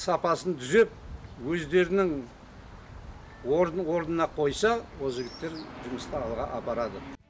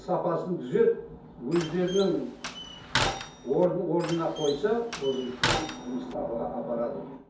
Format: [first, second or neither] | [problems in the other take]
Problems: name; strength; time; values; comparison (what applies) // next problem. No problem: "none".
first | background sound (Slam); 5 dB below the speech // room echo; dies away in 0.6 s